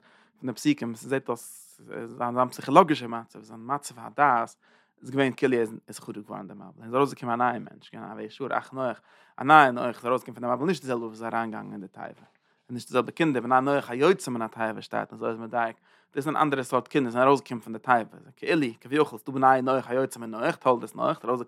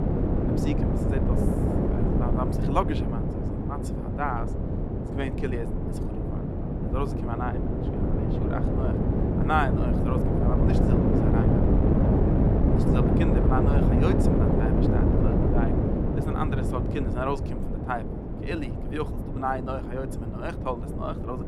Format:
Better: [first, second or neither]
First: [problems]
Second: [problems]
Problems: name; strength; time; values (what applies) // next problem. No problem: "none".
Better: first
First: none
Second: wind noise on the microphone; heavy; 1 dB above the speech